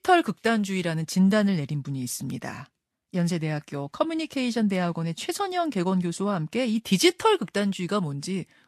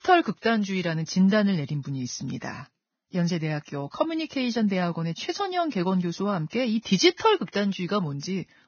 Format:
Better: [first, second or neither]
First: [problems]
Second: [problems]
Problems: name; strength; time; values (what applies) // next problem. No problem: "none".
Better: first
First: garbled, watery; slightly; nothing above 12.5 kHz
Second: garbled, watery; badly; nothing above 6.5 kHz